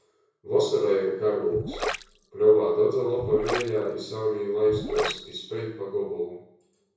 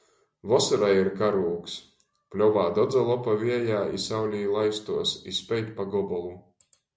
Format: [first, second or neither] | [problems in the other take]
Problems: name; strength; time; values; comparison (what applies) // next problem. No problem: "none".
second | background sound (Gurgling); 8 dB below the speech // room echo; dies away in 0.6 s